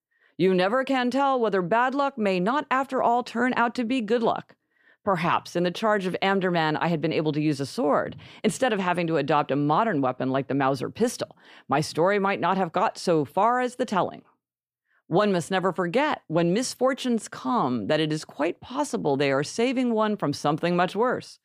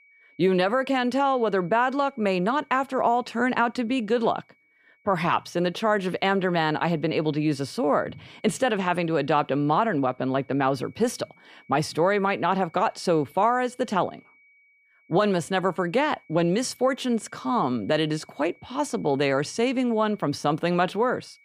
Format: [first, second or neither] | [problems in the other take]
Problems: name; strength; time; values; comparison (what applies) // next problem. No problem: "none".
first | high-pitched whine; faint; throughout; 2.5 kHz, 30 dB below the speech